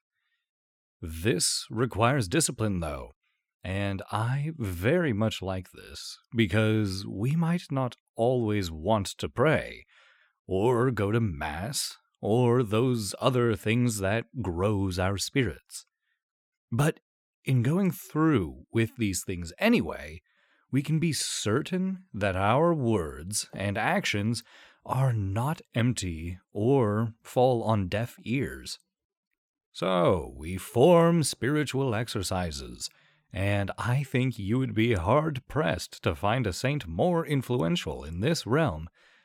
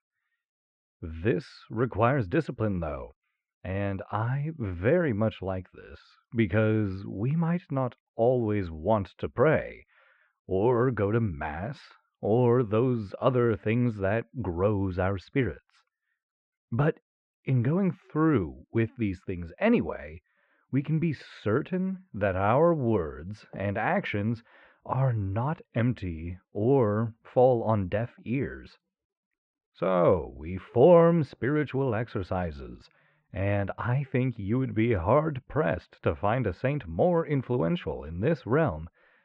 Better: first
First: none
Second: muffled; very; fading above 2 kHz

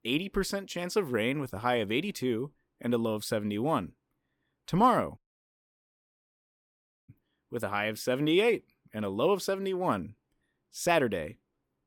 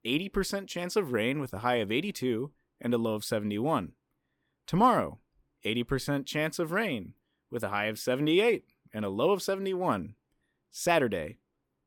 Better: second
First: audio cutting out; at 5 s for 2 s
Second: none

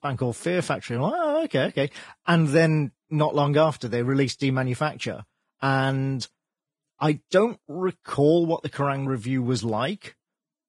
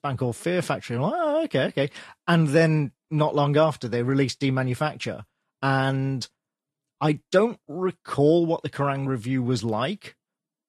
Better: second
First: garbled, watery; badly; nothing above 10.5 kHz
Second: garbled, watery; slightly; nothing above 13.5 kHz

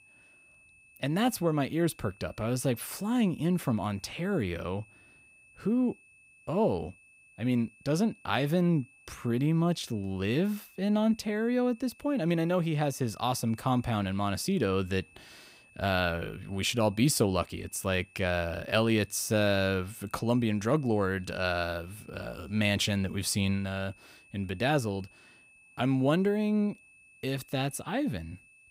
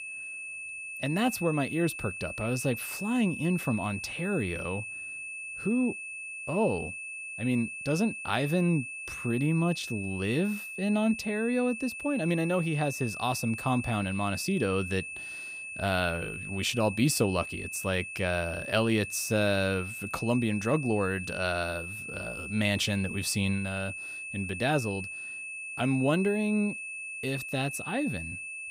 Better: first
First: high-pitched whine; faint; throughout; 2.5 kHz, 25 dB below the speech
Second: high-pitched whine; loud; throughout; 2.5 kHz, 7 dB below the speech

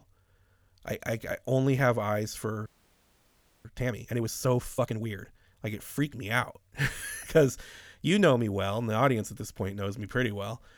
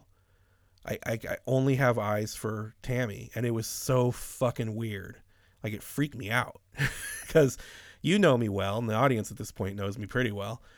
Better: second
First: audio freezing; at 2.5 s for 1 s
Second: none

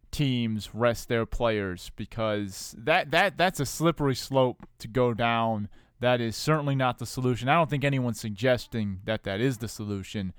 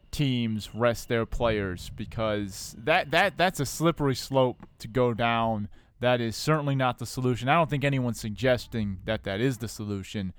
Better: first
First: none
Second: rain or running water; faint; throughout; 25 dB below the speech

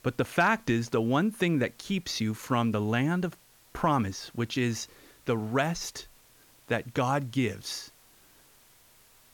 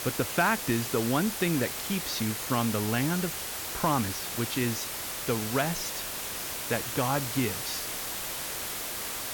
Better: first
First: hiss; faint; throughout; 30 dB below the speech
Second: hiss; loud; throughout; 2 dB below the speech

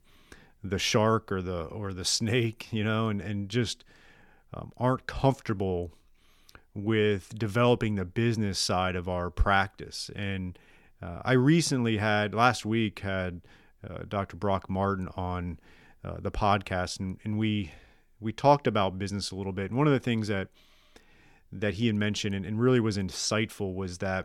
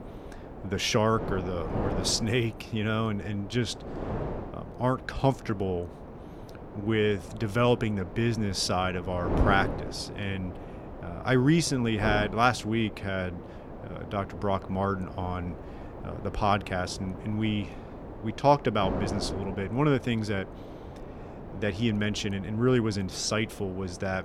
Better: first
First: none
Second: wind noise on the microphone; occasional gusts; 10 dB below the speech

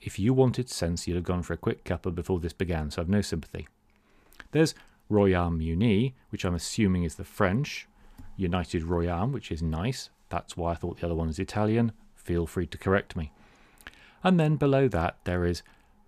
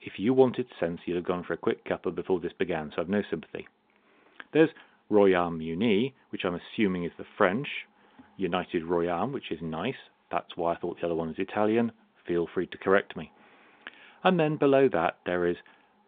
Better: first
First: none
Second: phone-call audio

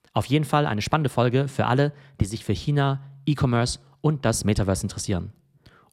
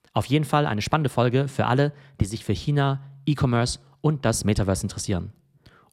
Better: neither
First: none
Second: none

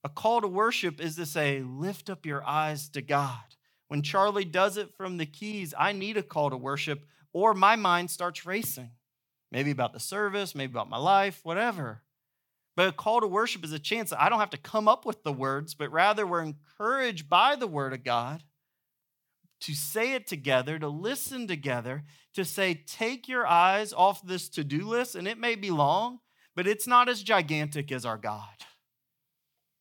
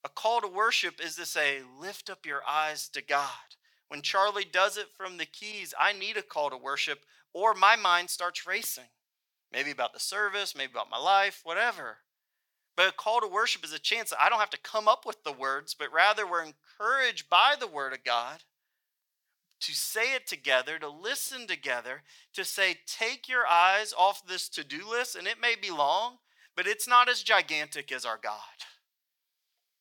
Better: first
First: none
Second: thin; very; fading below 550 Hz

